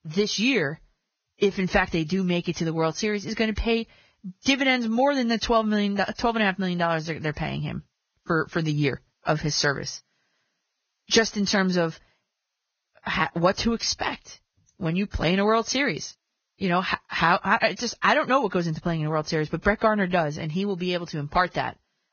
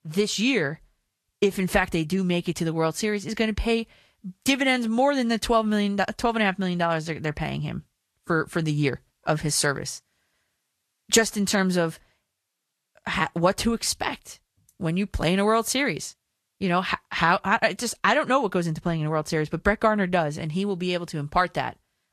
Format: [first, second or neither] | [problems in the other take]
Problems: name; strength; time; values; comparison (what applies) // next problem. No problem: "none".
second | garbled, watery; badly; nothing above 6.5 kHz; slightly in the second